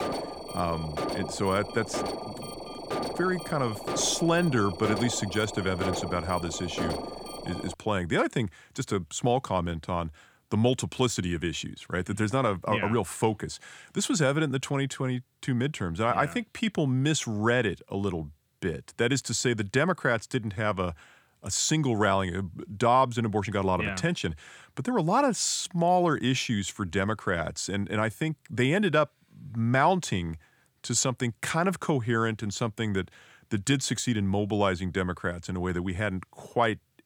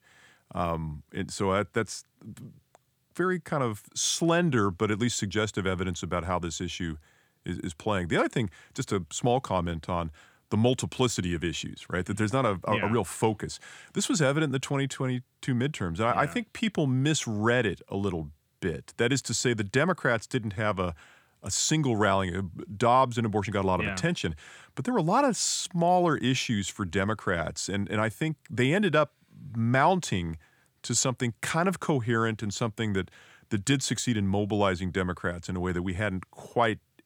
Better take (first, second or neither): second